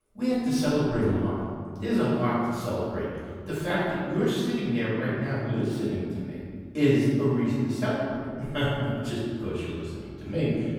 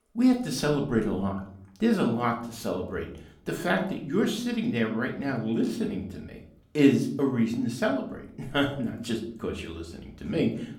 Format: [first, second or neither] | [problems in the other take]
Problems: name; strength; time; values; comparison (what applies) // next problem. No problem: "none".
second | room echo; strong; dies away in 1.9 s; slight in the second // off-mic speech; far; somewhat distant in the second